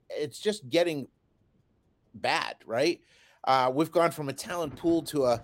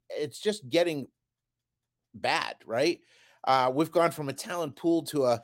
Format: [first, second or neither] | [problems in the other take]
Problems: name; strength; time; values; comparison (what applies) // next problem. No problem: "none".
second | rain or running water; faint; throughout; 25 dB below the speech